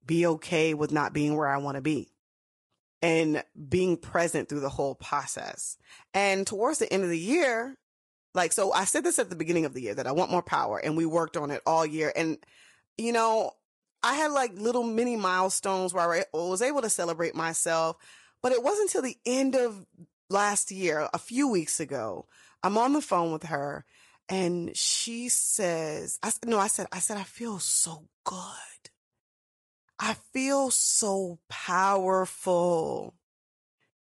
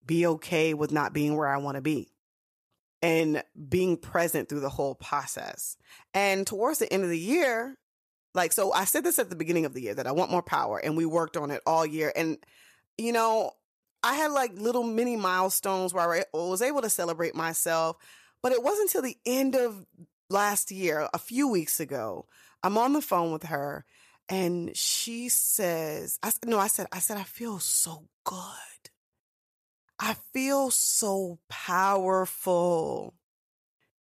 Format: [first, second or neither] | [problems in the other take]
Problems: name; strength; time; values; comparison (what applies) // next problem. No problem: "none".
second | garbled, watery; slightly; nothing above 11 kHz